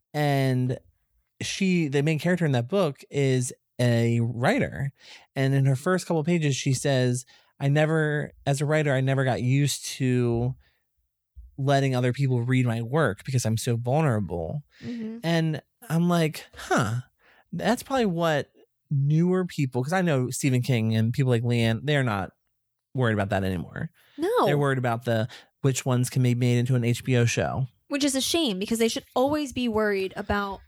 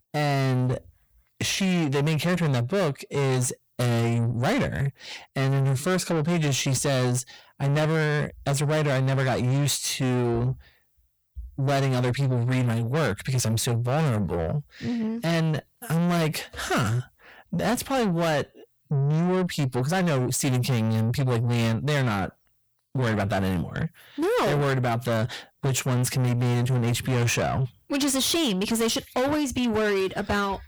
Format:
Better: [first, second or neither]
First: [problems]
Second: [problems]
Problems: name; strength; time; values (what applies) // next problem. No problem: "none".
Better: first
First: none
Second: distortion; heavy; 7 dB below the speech